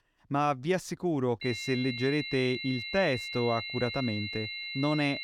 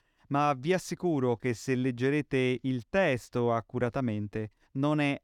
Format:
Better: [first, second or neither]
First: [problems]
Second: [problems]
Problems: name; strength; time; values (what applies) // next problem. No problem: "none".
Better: second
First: high-pitched whine; loud; from 1.5 s on; 2 kHz, 5 dB below the speech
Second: none